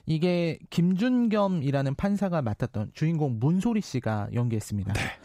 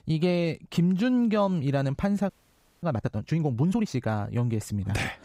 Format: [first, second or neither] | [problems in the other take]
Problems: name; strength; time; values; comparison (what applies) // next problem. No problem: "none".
first | audio freezing; at 2.5 s for 0.5 s